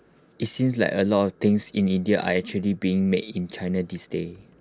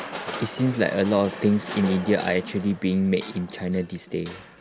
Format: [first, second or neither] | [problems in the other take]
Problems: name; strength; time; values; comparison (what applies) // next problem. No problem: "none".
first | background sound (Crushing); 13 dB below the speech